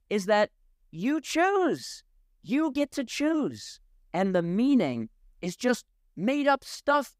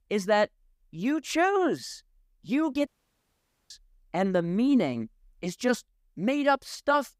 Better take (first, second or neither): first